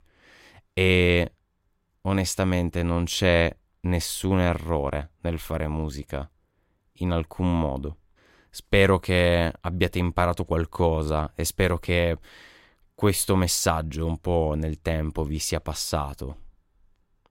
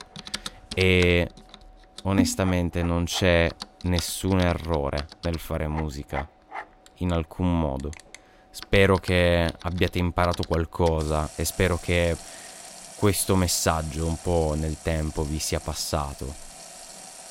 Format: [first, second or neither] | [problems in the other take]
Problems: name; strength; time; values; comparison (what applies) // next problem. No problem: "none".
first | household noises; noticeable; throughout; 15 dB below the speech